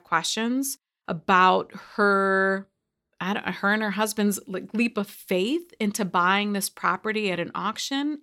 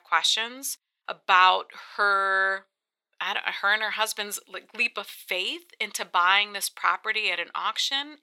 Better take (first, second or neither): first